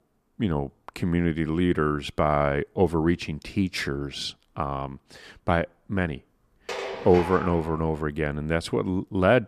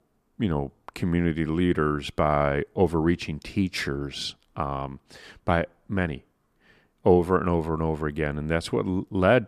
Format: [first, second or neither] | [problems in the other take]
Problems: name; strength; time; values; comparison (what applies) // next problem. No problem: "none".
second | clattering dishes; noticeable; from 6.5 to 8 s; peak 7 dB below the speech